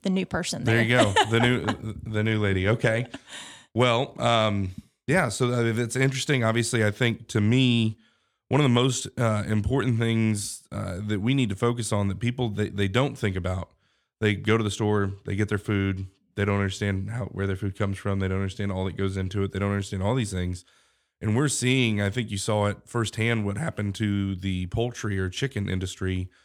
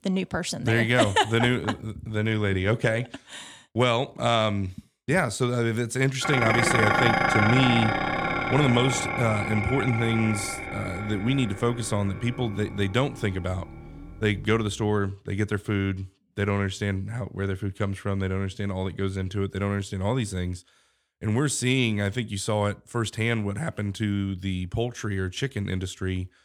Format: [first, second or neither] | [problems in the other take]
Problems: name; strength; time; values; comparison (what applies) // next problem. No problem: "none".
first | clattering dishes; loud; from 6 to 14 s; peak 5 dB above the speech